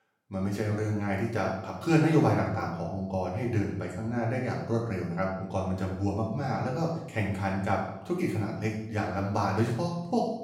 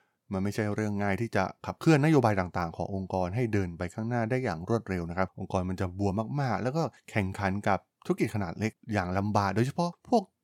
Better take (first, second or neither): second